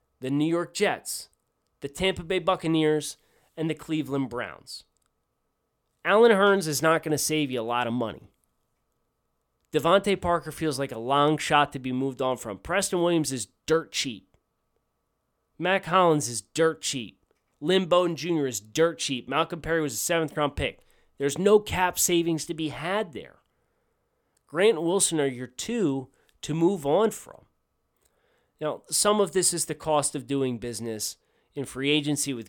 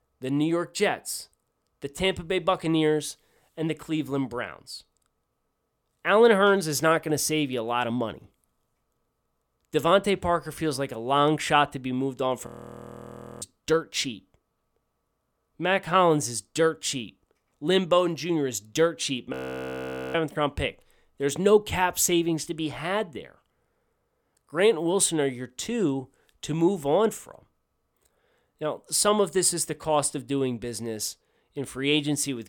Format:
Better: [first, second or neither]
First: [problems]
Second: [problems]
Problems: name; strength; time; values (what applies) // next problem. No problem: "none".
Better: first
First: none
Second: audio freezing; at 12 s for 1 s and at 19 s for 1 s